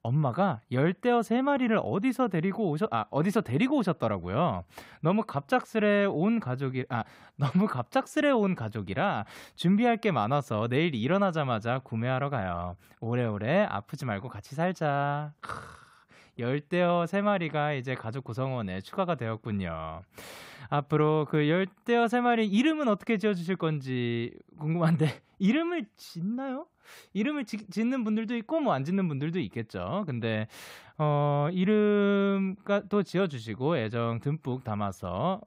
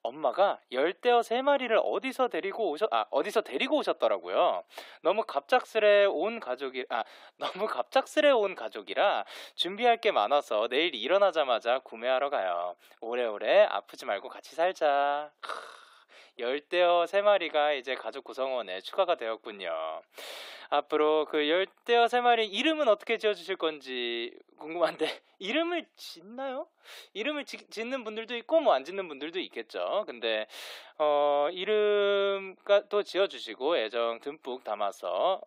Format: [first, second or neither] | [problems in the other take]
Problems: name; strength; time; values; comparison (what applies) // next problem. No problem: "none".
first | thin; very; fading below 300 Hz